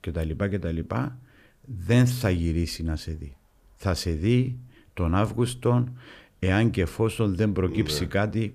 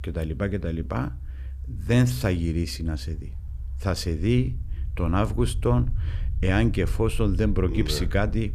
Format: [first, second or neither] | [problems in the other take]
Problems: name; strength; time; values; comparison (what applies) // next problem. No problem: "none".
first | low rumble; faint; throughout; 20 dB below the speech